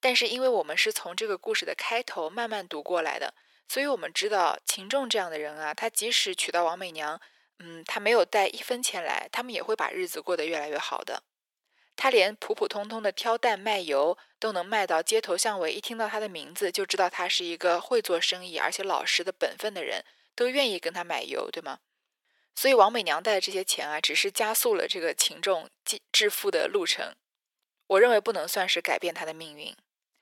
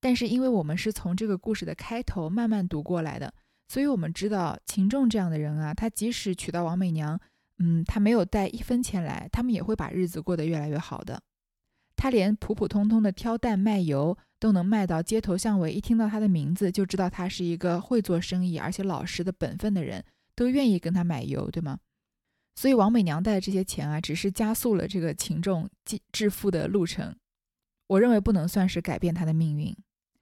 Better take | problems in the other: second | thin; very; fading below 450 Hz

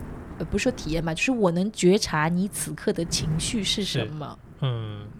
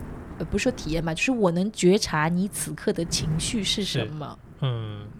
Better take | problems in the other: neither | wind noise on the microphone; occasional gusts; 20 dB below the speech; the same in both

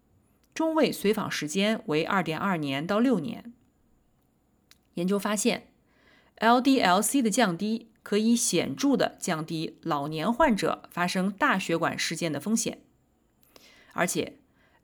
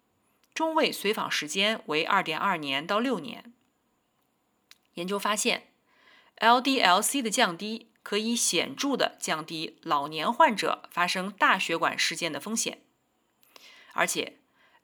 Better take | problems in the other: first | thin; somewhat; fading below 450 Hz

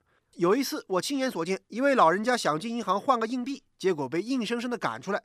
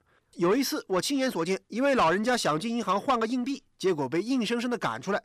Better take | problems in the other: first | distortion; slight; 10 dB below the speech

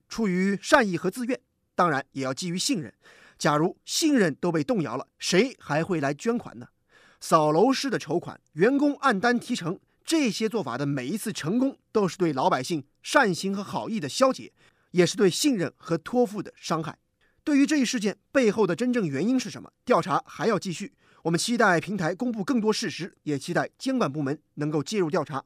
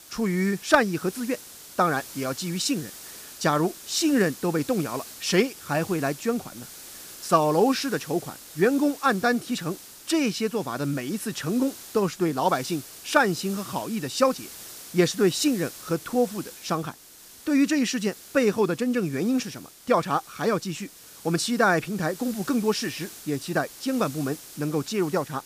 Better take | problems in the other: first | hiss; noticeable; throughout; 15 dB below the speech

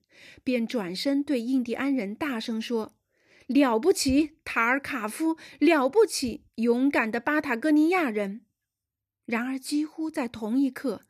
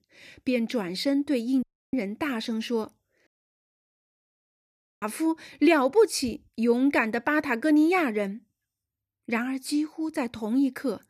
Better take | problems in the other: first | audio cutting out; at 1.5 s and at 3.5 s for 1.5 s

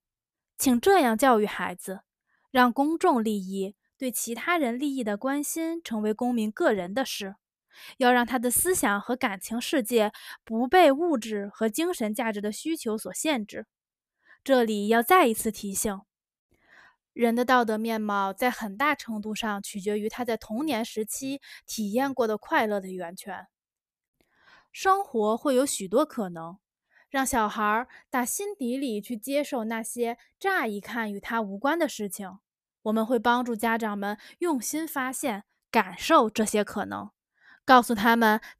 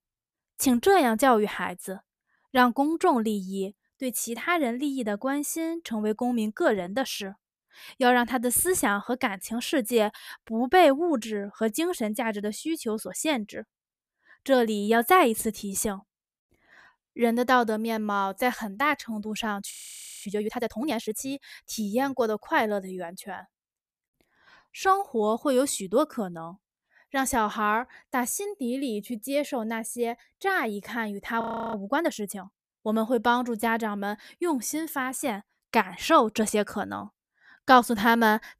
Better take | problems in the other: first | audio freezing; at 20 s for 0.5 s and at 31 s

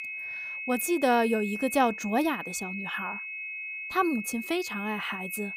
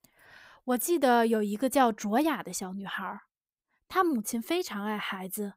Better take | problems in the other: second | high-pitched whine; loud; throughout; 2.5 kHz, 6 dB below the speech

